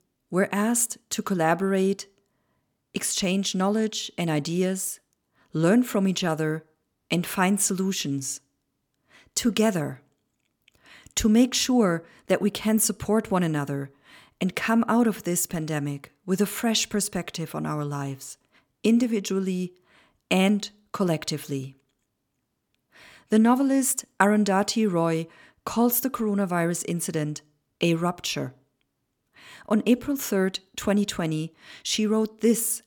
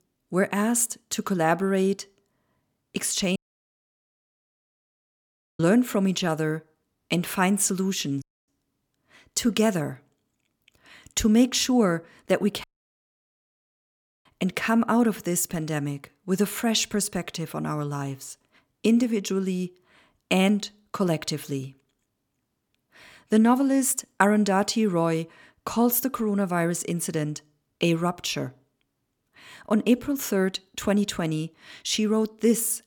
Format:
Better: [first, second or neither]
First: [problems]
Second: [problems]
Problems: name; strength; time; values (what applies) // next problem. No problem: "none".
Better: first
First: none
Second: audio cutting out; at 3.5 s for 2 s, at 8 s and at 13 s for 1.5 s